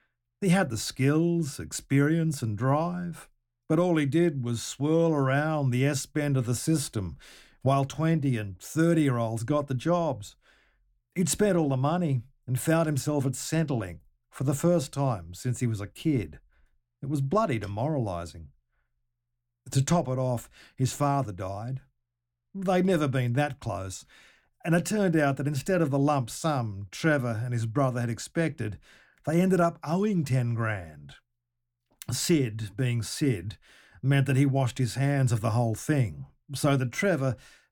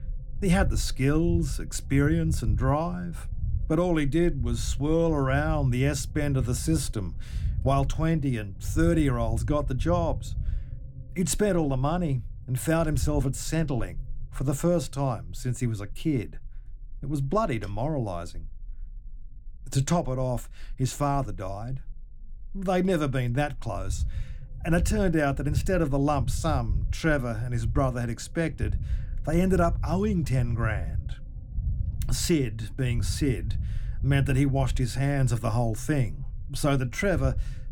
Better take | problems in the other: first | low rumble; faint; throughout; 20 dB below the speech

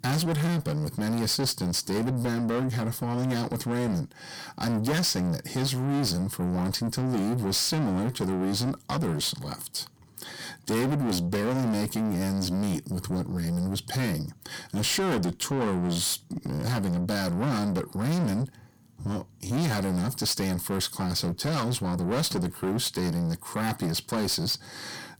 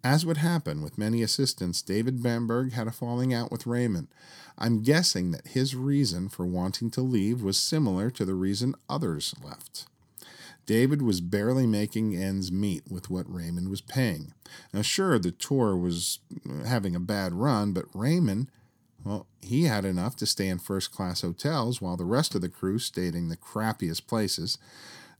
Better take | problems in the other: second | distortion; heavy; 6 dB below the speech

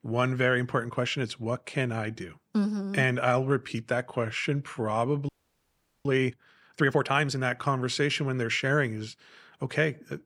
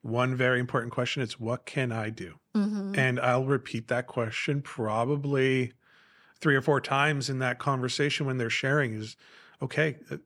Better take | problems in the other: second | audio freezing; at 5.5 s for 1 s

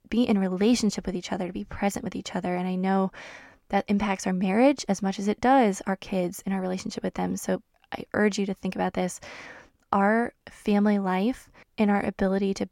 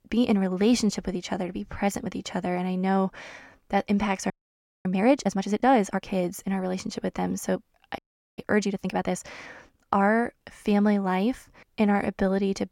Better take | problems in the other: first | audio freezing; at 4.5 s for 0.5 s and at 8 s

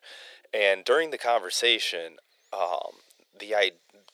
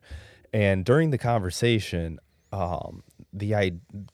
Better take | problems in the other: second | thin; very; fading below 450 Hz

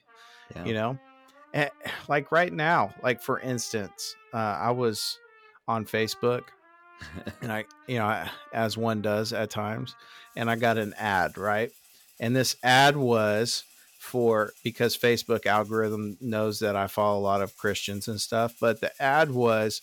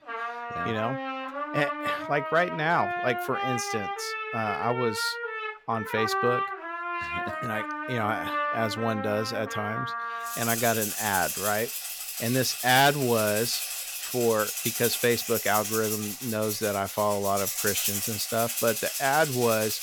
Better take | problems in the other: first | background music; loud; throughout; 3 dB below the speech; faint in the first

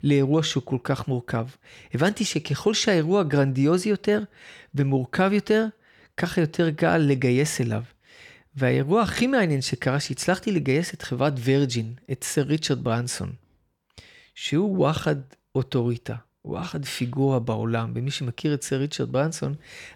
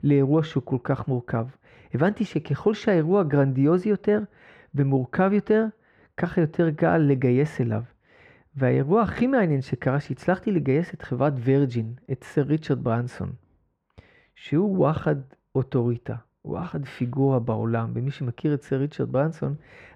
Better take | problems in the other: first | muffled; very; fading above 3 kHz

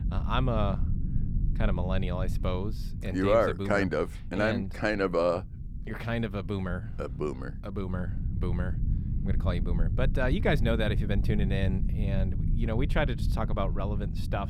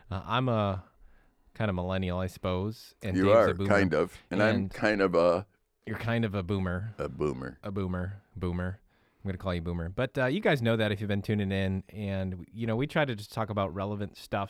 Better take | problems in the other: second | low rumble; noticeable; throughout; 15 dB below the speech

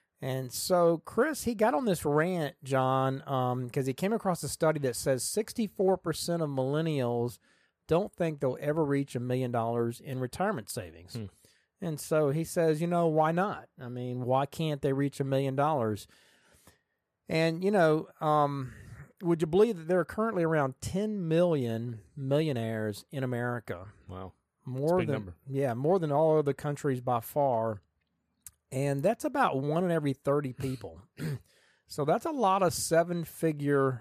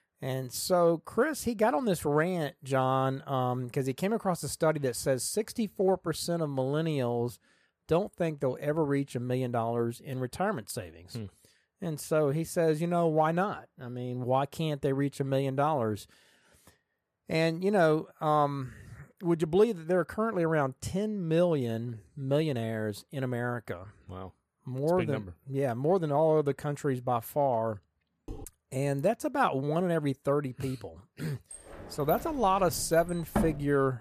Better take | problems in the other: first | clattering dishes; faint; at 28 s; peak 15 dB below the speech // door banging; noticeable; from 32 s on; peak 2 dB below the speech

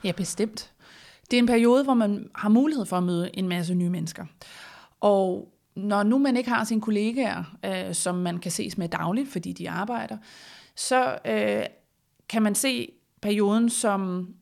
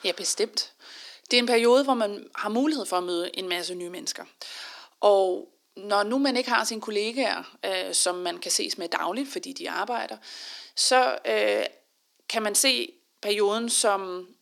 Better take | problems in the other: first | thin; somewhat; fading below 300 Hz

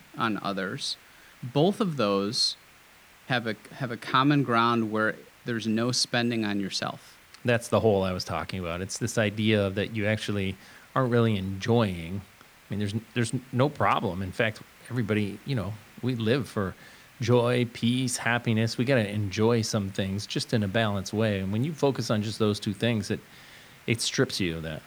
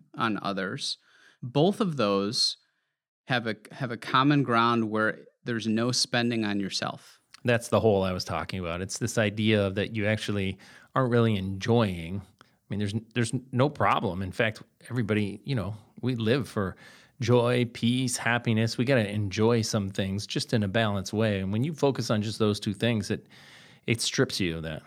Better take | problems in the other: second | hiss; faint; throughout; 25 dB below the speech

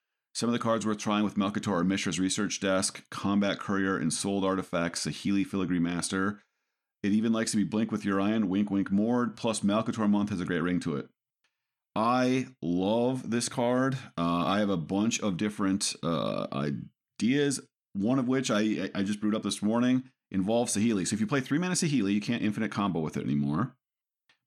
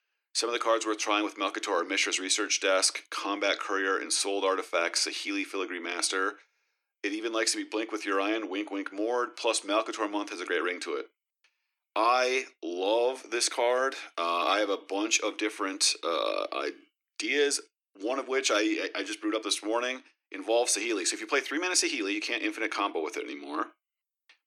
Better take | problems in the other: first | thin; very; fading below 300 Hz

